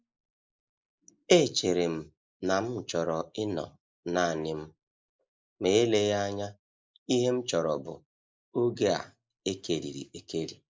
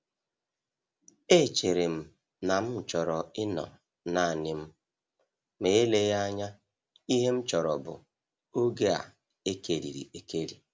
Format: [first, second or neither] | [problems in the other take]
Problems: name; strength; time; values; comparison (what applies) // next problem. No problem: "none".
second | noise reduction (neural mask model Resemble Enhance denoiser)